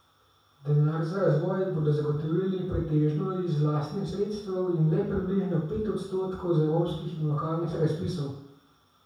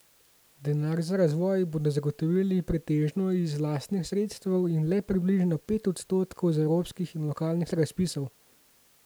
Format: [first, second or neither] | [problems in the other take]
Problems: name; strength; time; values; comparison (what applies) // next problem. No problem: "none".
second | room echo; dies away in 0.7 s